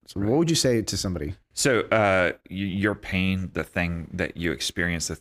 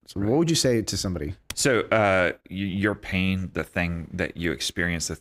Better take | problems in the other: first | keyboard typing; very faint; at 1.5 s; peak 15 dB below the speech

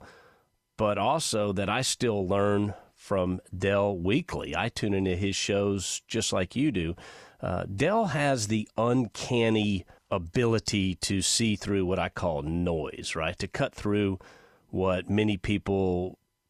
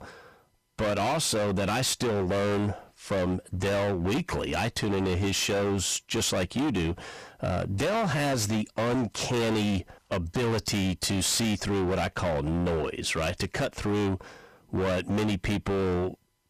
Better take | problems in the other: first | distortion; heavy; 29% of the sound clipped

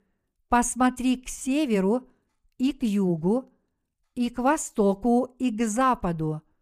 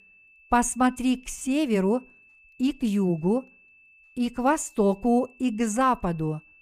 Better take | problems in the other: first | high-pitched whine; faint; throughout; 2.5 kHz, 30 dB below the speech

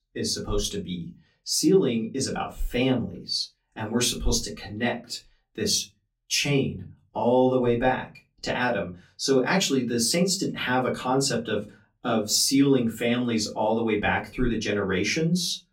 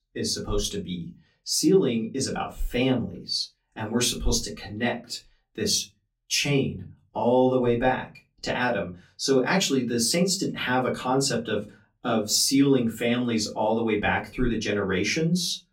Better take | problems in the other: neither | off-mic speech; far; the same in both // room echo; very slight; dies away in 0.2 s; the same in both

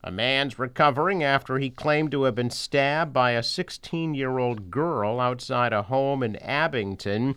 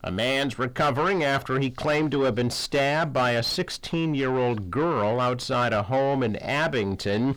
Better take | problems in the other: first | distortion; heavy; 7 dB below the speech

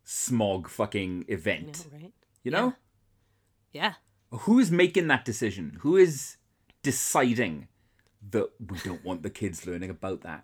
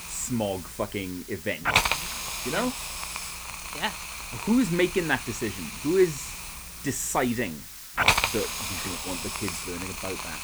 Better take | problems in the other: first | hiss; loud; throughout; 1 dB below the speech

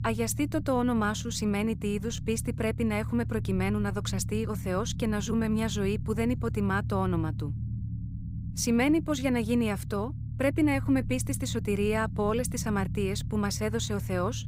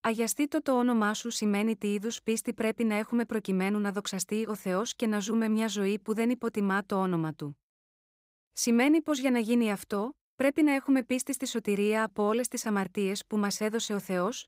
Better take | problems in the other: second | low rumble; noticeable; throughout; 15 dB below the speech

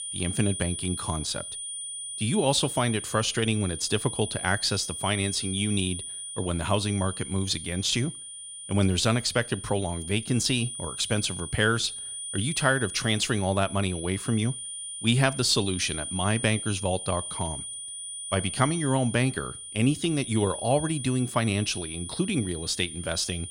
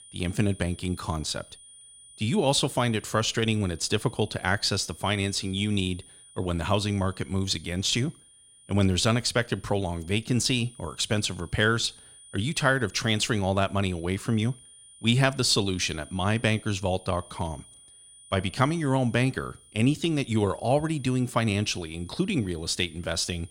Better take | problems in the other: second | high-pitched whine; loud; throughout; 9 kHz, 7 dB below the speech; faint in the second

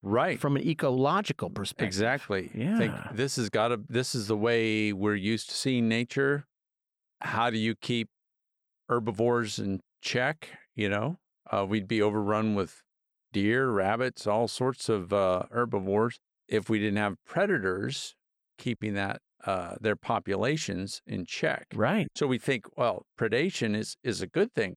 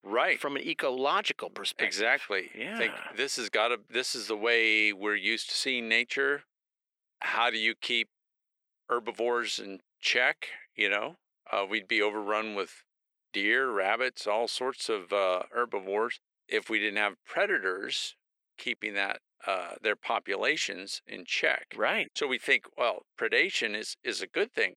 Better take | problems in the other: first | thin; very; fading below 350 Hz

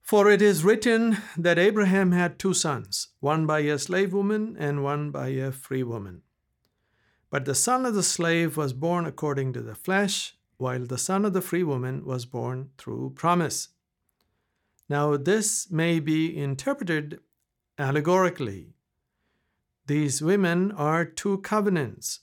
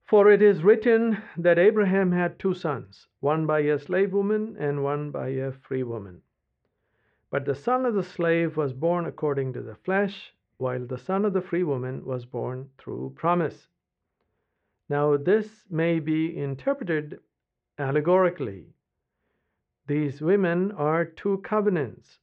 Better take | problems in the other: first | muffled; very; fading above 3 kHz

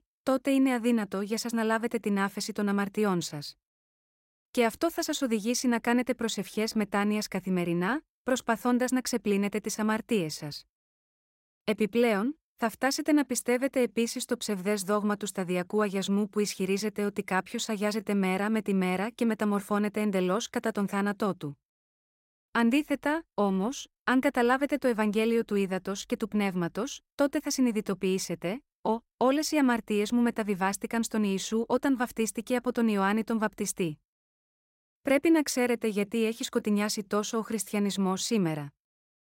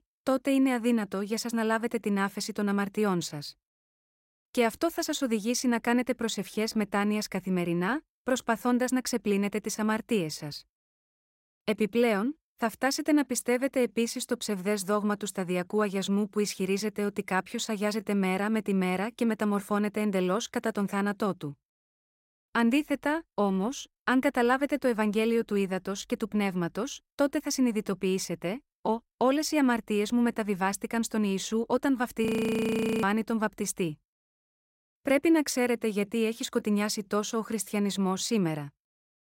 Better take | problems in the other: first | audio freezing; at 32 s for 1 s

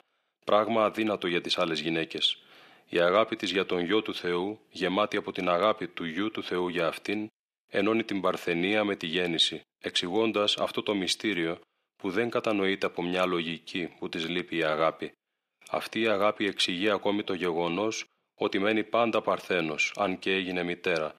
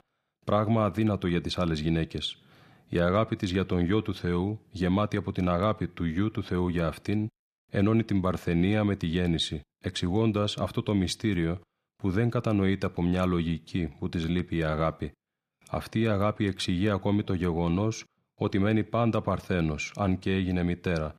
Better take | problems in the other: second | thin; somewhat; fading below 400 Hz

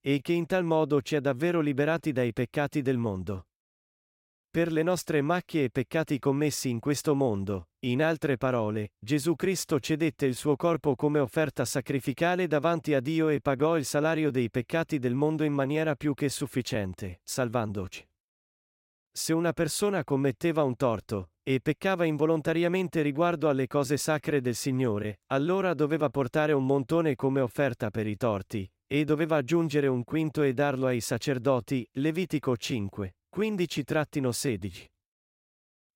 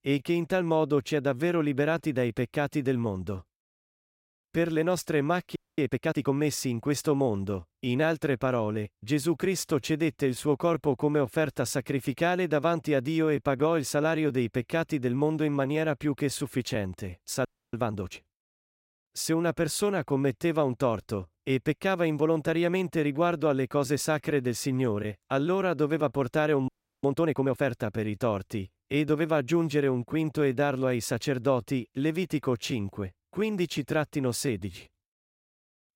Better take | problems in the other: first | audio freezing; at 5.5 s, at 17 s and at 27 s

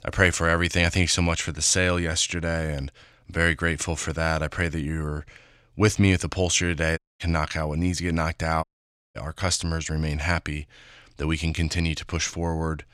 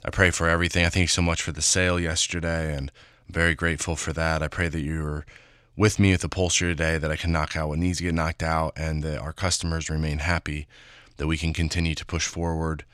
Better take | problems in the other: second | audio cutting out; at 7 s and at 8.5 s for 0.5 s

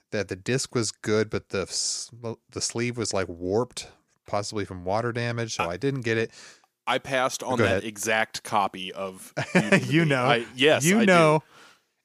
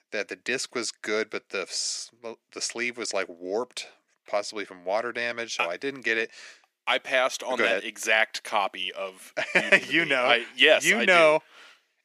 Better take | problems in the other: first | thin; somewhat; fading below 250 Hz

